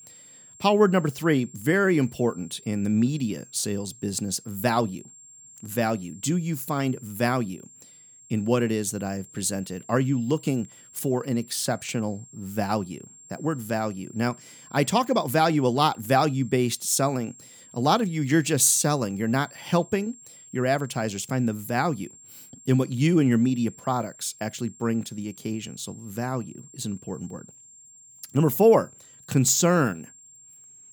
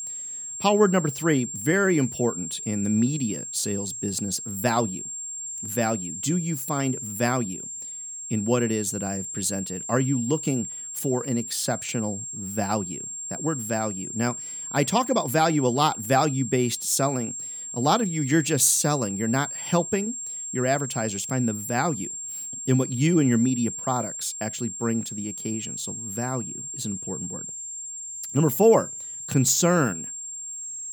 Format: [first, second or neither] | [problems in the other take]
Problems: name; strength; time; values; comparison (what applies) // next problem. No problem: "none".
first | high-pitched whine; loud; throughout; 7.5 kHz, 7 dB below the speech; faint in the first